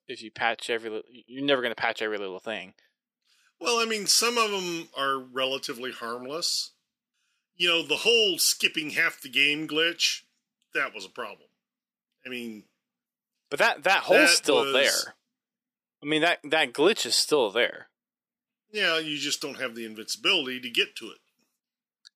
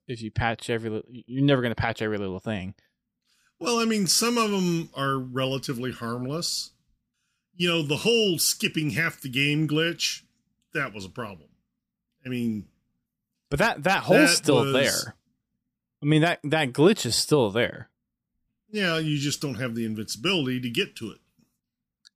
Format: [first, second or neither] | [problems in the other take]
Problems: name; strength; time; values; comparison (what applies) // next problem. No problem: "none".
second | thin; somewhat; fading below 450 Hz